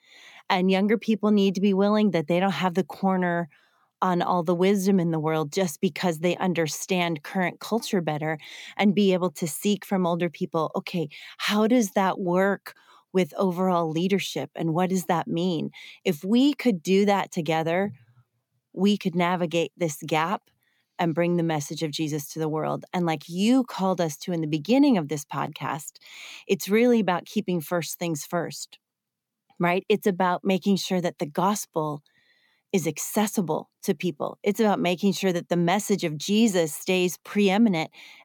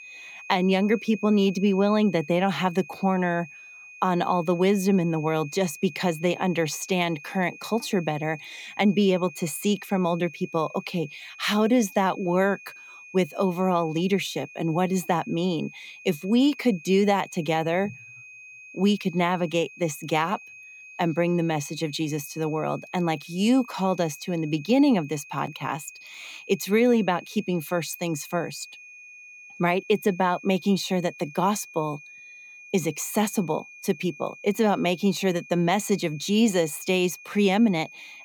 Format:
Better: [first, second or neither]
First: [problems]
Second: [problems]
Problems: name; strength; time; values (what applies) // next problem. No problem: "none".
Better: first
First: none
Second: high-pitched whine; noticeable; throughout; 2.5 kHz, 20 dB below the speech